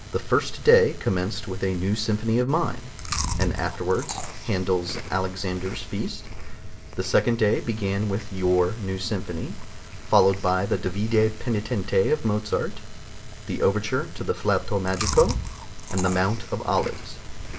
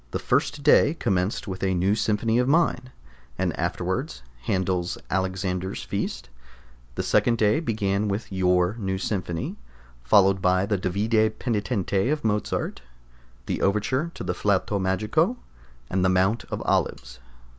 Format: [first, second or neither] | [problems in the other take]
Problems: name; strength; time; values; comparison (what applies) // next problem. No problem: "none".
second | background sound (Chewing, mastication); 11 dB below the speech // room echo; dies away in 0.3 s